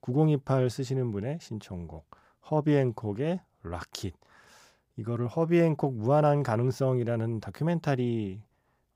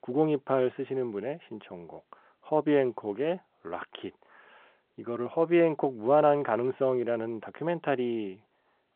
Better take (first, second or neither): first